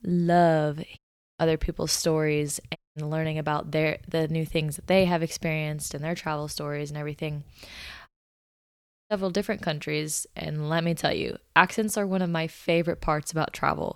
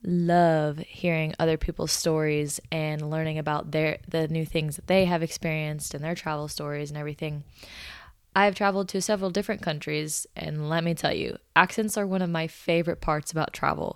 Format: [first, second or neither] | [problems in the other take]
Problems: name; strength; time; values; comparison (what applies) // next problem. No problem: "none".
second | audio cutting out; at 1 s, at 3 s and at 8 s for 1 s